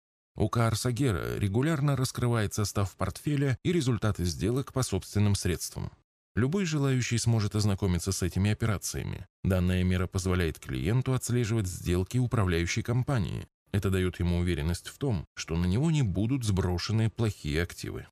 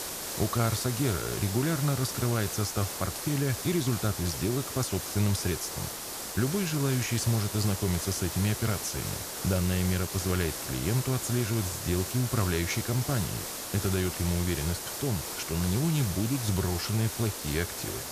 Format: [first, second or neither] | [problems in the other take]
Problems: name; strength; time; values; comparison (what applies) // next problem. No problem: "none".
first | hiss; loud; throughout; 4 dB below the speech